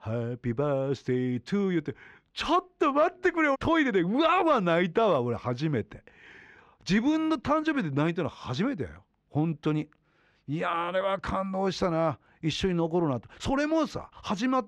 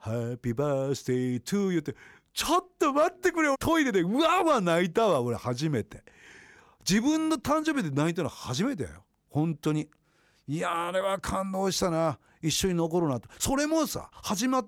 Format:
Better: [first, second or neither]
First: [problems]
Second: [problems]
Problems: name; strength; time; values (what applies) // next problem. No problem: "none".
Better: second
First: muffled; slightly; fading above 3 kHz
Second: none